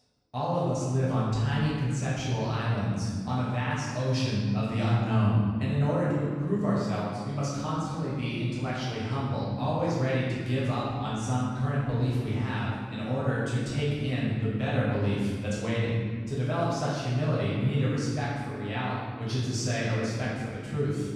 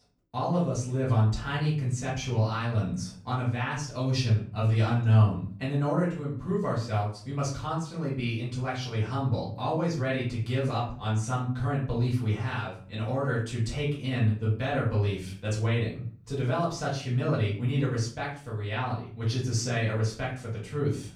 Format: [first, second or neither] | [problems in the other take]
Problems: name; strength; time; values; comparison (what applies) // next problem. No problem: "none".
second | room echo; strong; dies away in 1.9 s; slight in the second // off-mic speech; far; far in the second